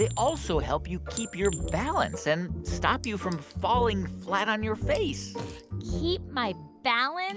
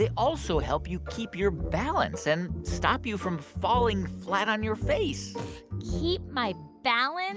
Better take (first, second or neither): second